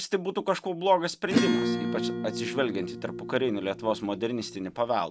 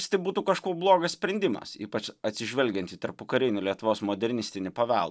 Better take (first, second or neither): second